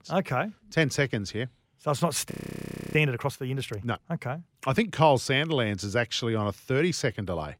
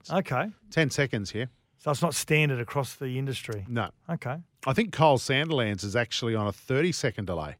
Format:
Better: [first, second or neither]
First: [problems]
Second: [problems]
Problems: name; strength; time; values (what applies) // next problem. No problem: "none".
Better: second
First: audio freezing; at 2.5 s for 0.5 s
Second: none